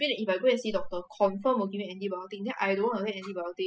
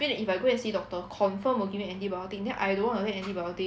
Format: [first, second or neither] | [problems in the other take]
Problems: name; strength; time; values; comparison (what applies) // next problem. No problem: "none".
second | noise reduction (classical method spectral subtraction)